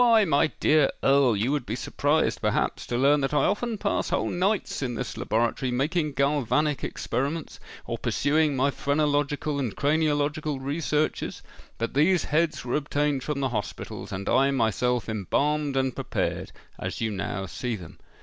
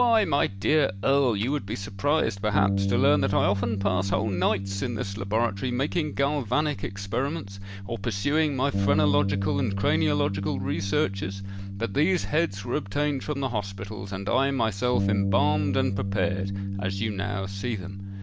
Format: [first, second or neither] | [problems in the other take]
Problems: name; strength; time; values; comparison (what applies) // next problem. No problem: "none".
first | background sound (Bass guitar); 4 dB below the speech